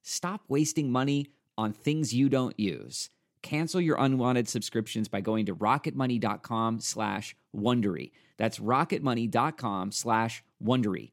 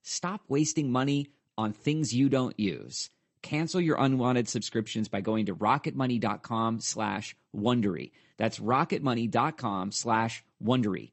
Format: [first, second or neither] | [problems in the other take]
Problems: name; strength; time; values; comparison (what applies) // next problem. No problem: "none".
first | garbled, watery; slightly; nothing above 8 kHz